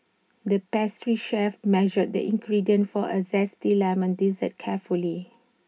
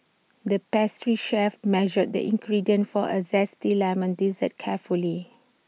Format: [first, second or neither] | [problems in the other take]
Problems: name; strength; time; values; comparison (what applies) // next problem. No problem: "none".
second | room echo; dies away in 0.3 s